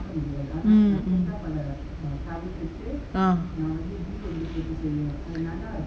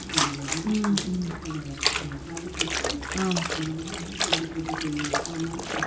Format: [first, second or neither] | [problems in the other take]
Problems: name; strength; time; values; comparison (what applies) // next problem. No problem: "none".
first | background sound (Trickle, dribble / Splash, splatter); as loud as the speech // room echo; dies away in 0.2 s